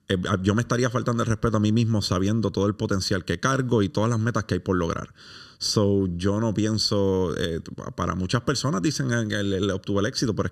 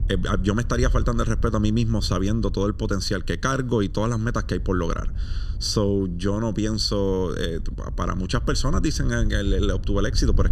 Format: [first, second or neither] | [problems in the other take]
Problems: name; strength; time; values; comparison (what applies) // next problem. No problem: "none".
first | wind noise on the microphone; occasional gusts; 20 dB below the speech